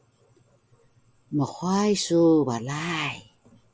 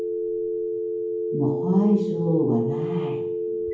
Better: first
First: none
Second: background sound (Telephone); 1 dB below the speech // room echo; dies away in 0.9 s

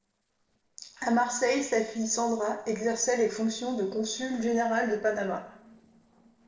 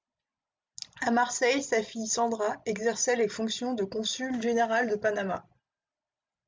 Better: second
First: noise reduction (neural separator model SepFormer DNS4)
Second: none

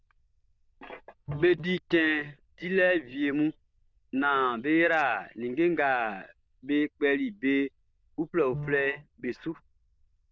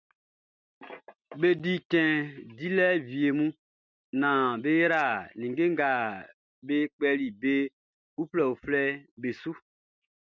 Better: second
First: noise reduction (neural diffusion model UNIVERSE++)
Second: none

